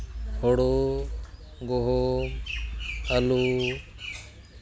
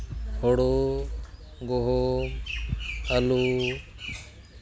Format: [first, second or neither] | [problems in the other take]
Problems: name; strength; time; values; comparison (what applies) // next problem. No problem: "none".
first | background sound (Walk, footsteps); 19 dB below the speech